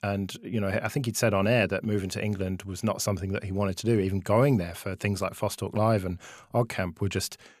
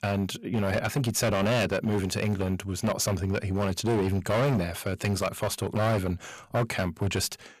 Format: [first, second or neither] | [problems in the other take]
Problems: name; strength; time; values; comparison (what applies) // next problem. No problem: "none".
first | distortion; heavy; 16% of the sound clipped